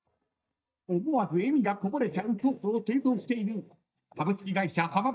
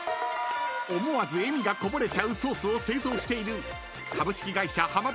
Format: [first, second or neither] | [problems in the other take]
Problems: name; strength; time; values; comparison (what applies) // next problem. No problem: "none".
second | noise reduction (neural mask model DeepFilterNet 3)